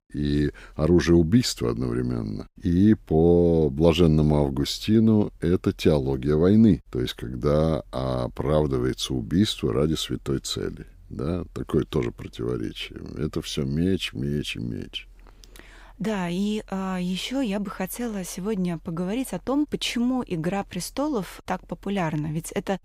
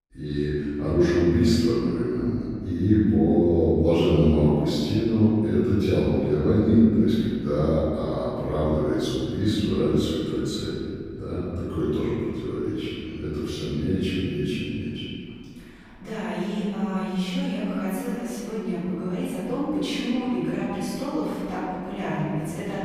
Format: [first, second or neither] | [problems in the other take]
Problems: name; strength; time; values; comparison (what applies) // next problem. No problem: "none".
first | off-mic speech; far // room echo; strong; dies away in 2.1 s